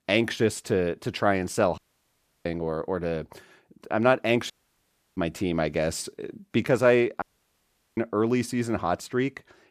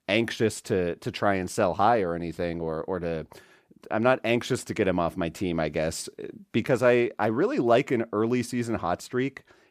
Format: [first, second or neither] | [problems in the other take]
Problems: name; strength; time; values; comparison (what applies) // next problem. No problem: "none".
second | audio cutting out; at 2 s for 0.5 s, at 4.5 s for 0.5 s and at 7 s for 1 s